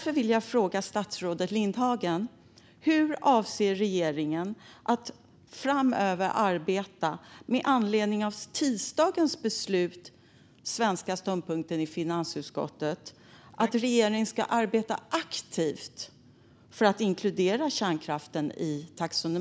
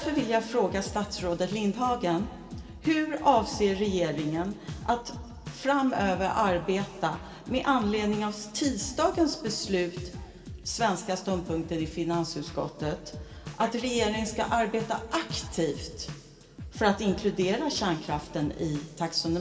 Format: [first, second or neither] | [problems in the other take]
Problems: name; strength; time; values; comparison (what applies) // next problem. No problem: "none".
first | background sound (Drum kit); 14 dB below the speech // room echo; dies away in 2.5 s